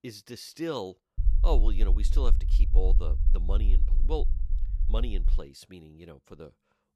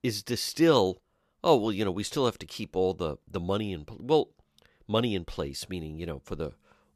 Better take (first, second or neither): second